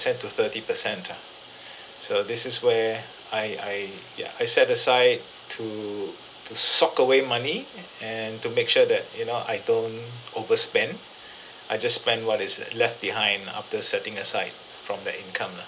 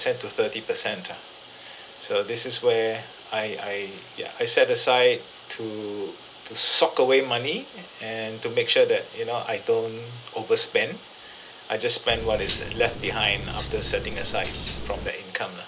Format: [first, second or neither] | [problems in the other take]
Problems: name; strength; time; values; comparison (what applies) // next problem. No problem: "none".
first | background sound (Cutlery, silverware); 7 dB below the speech